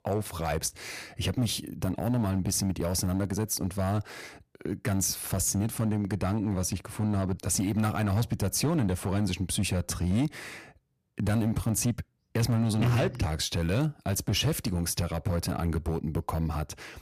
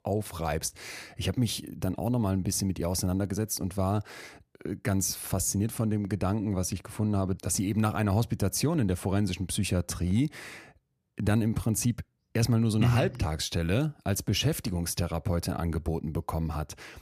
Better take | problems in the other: second | distortion; slight; 6% of the sound clipped

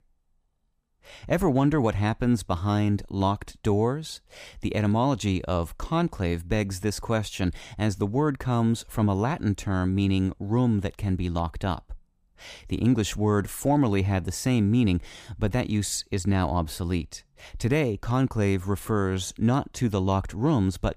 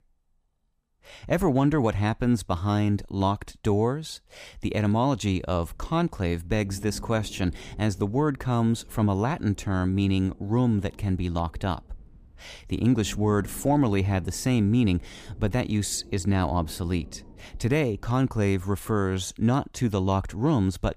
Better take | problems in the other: first | low rumble; faint; from 5.5 to 19 s; 25 dB below the speech

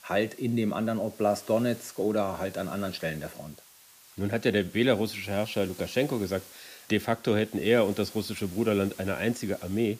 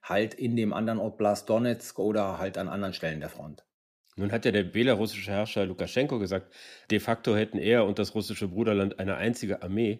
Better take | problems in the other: second | hiss; noticeable; throughout; 20 dB below the speech

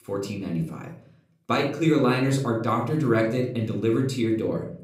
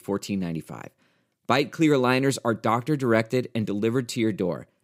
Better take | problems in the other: second | off-mic speech; somewhat distant // room echo; slight; dies away in 0.6 s

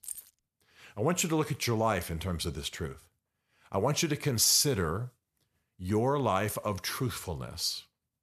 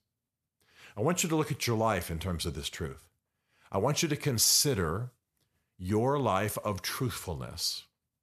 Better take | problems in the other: second | jangling keys; faint; at the start; peak 10 dB below the speech

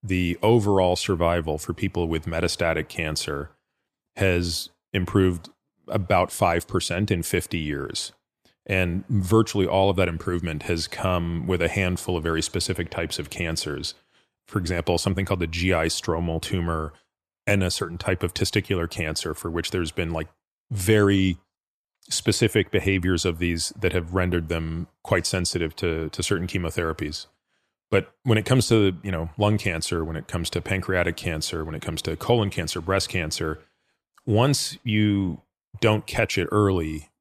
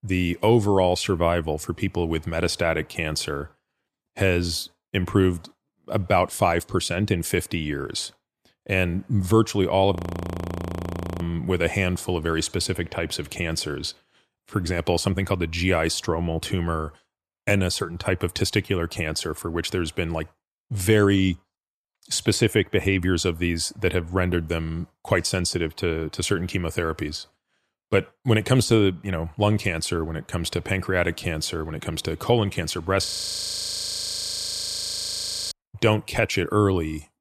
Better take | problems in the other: first | audio freezing; at 10 s for 1.5 s and at 33 s for 2.5 s

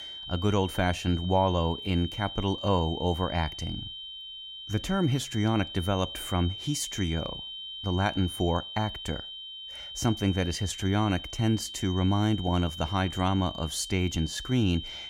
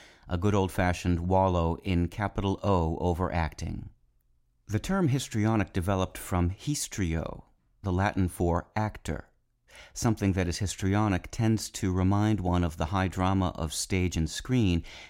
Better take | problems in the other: second | high-pitched whine; loud; throughout; 3 kHz, 9 dB below the speech

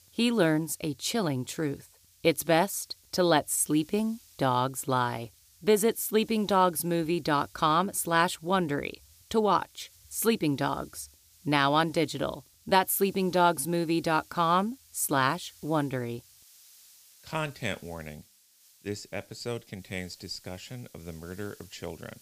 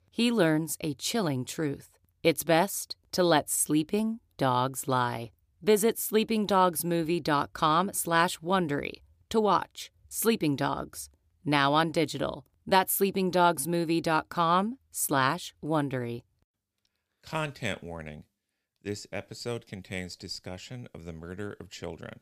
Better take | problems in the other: second | hiss; faint; throughout; 25 dB below the speech

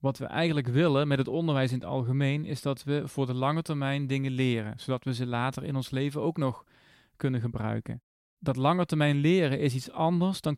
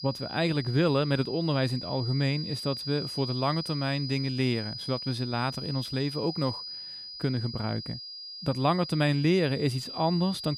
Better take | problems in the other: first | high-pitched whine; loud; throughout; 5 kHz, 8 dB below the speech

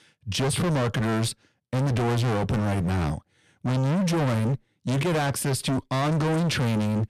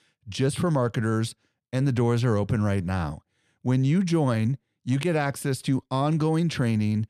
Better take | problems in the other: second | distortion; heavy; 40% of the sound clipped

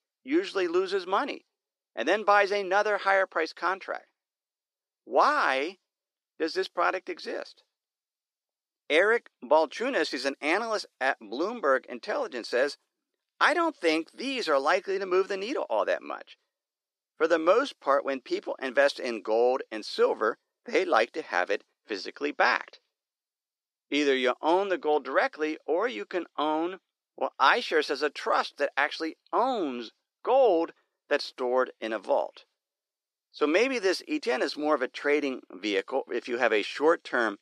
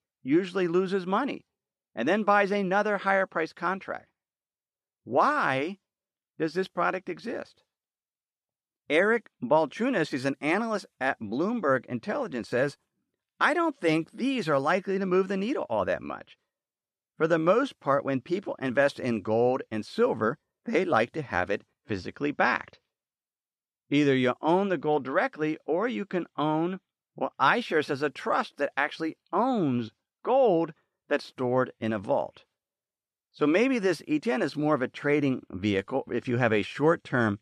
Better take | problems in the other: second | thin; somewhat; fading below 350 Hz

